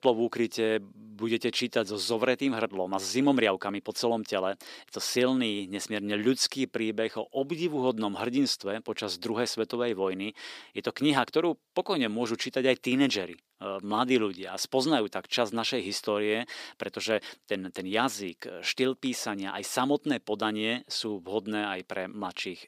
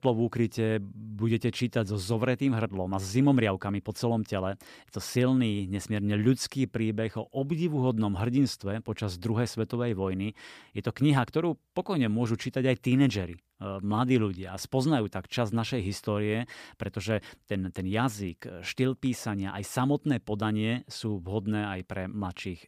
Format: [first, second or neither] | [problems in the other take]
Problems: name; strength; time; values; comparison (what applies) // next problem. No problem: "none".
second | thin; very slightly; fading below 350 Hz